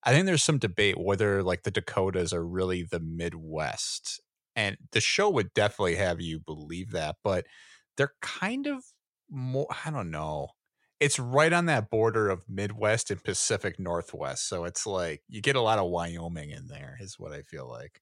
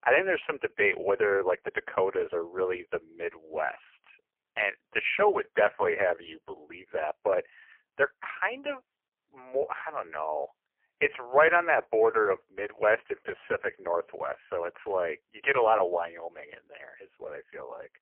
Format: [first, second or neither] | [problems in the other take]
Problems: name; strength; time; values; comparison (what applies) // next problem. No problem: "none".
first | phone-call audio; poor line